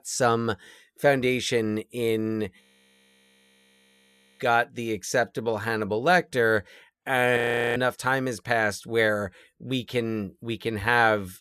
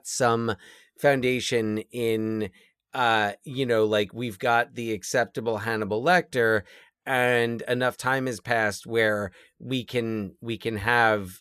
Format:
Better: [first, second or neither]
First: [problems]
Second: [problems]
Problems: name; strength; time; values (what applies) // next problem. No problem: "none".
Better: second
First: audio freezing; at 2.5 s for 2 s and at 7.5 s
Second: none